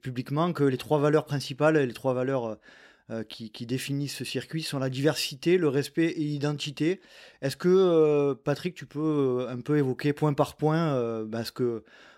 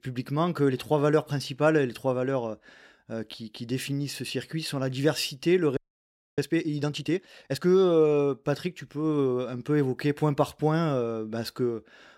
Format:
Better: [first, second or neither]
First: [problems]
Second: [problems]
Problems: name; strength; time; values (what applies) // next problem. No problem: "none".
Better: first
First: none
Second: audio freezing; at 6 s for 0.5 s